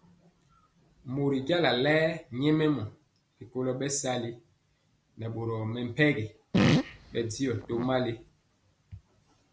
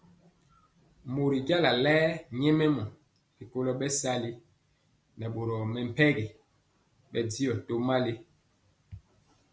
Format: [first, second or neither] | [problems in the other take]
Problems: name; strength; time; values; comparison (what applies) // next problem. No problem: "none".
second | background sound (Fart); 2 dB above the speech